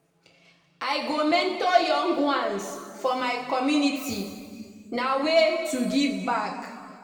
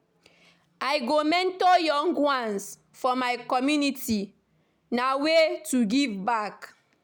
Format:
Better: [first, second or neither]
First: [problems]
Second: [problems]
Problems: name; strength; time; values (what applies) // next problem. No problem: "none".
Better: second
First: room echo; dies away in 1.9 s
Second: none